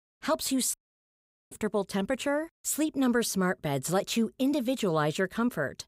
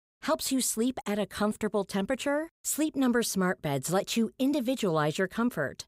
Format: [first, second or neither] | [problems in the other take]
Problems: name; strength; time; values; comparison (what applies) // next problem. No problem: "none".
second | audio cutting out; at 0.5 s for 1 s